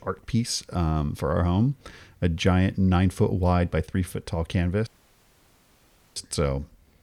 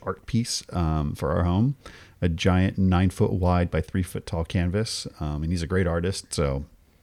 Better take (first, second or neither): second